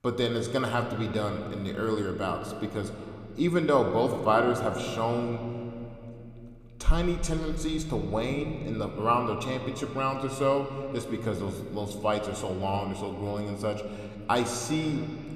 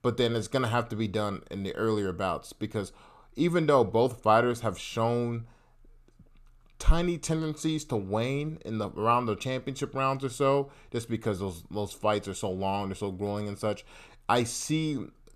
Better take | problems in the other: second | room echo; slight; dies away in 3 s

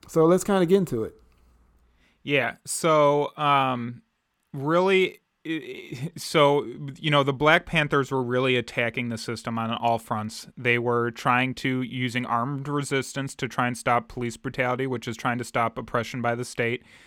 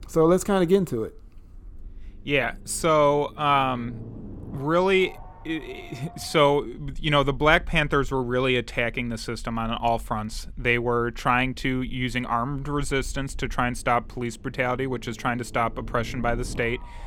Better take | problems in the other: first | low rumble; faint; throughout; 25 dB below the speech

